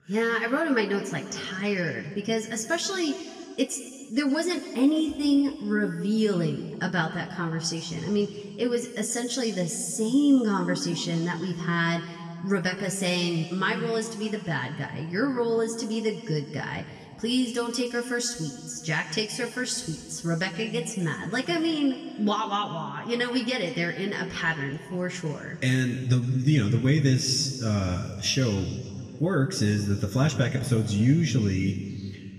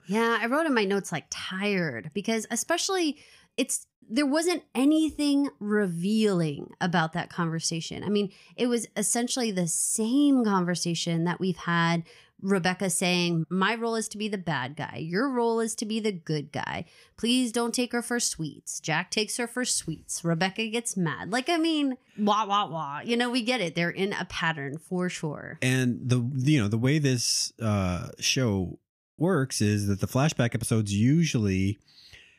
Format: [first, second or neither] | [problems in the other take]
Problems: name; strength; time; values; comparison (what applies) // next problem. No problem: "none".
second | room echo; slight; dies away in 2.1 s // off-mic speech; somewhat distant